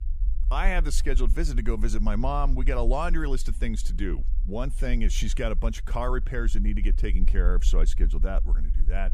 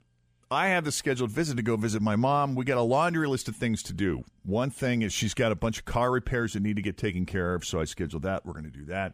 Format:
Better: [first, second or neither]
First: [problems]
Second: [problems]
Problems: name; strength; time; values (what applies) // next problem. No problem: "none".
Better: second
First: low rumble; faint; throughout; 20 dB below the speech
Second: none